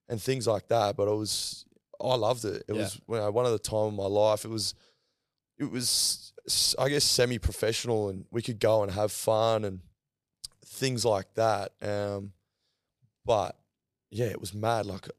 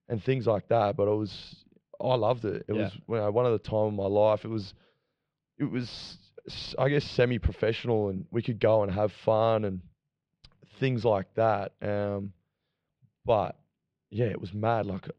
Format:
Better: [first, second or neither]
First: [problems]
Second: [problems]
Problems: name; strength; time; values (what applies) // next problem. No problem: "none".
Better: first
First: none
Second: muffled; very; fading above 3 kHz